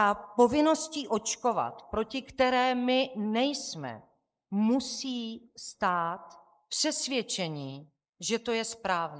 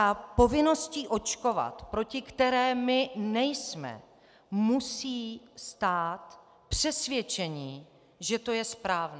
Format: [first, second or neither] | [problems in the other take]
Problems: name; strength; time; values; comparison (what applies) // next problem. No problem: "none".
second | noise reduction (neural mask model Resemble Enhance denoiser)